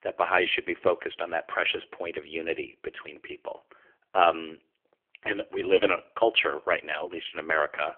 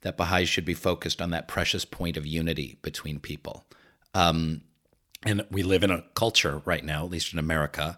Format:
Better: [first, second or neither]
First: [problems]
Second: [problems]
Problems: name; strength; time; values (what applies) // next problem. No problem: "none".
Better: second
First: phone-call audio; poor line; nothing above 3.5 kHz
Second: none